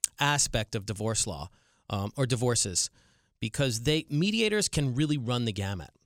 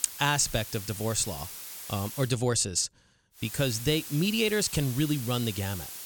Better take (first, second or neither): first